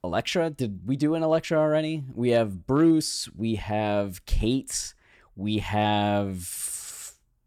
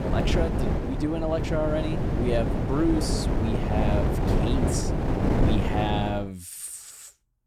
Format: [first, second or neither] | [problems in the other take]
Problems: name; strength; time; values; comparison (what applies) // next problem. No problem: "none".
first | wind noise on the microphone; heavy; until 6 s; 1 dB below the speech